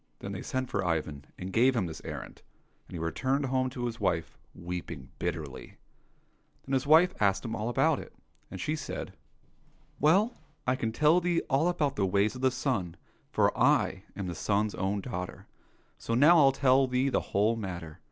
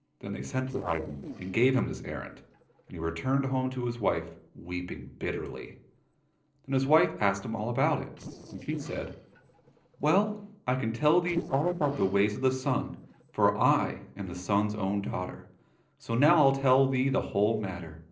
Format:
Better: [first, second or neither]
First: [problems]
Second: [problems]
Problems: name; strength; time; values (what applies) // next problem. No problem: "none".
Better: first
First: none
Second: noise reduction (neural separator model SepFormer DNS4)